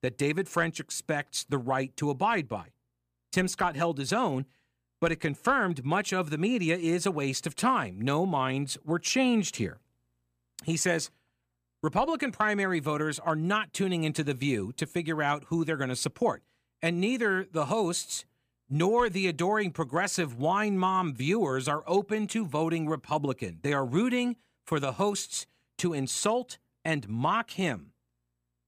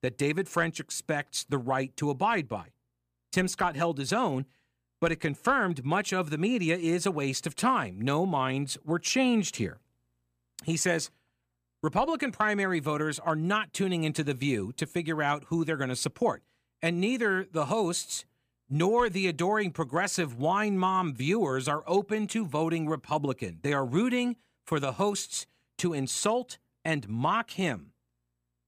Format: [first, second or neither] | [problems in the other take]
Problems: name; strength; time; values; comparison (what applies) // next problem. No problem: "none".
neither | none